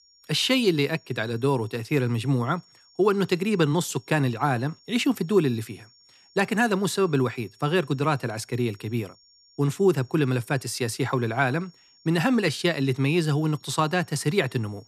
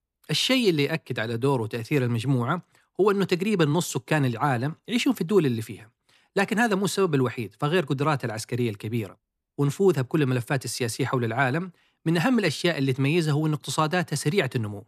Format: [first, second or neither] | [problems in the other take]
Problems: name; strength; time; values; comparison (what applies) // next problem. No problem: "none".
second | high-pitched whine; faint; throughout; 5.5 kHz, 30 dB below the speech